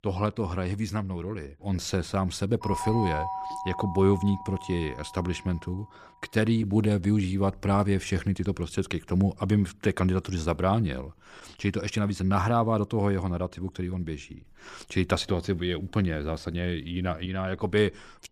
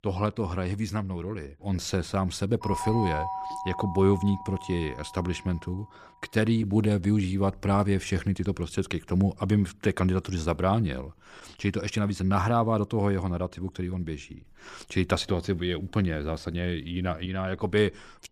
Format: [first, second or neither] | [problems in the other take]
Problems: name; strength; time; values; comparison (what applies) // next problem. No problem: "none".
neither | doorbell; noticeable; from 2.5 to 5.5 s; peak 3 dB below the speech; the same in both